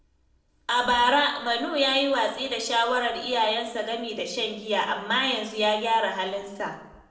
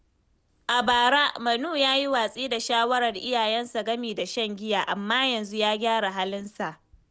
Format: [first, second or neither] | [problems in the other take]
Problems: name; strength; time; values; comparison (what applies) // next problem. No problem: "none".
second | room echo; dies away in 0.7 s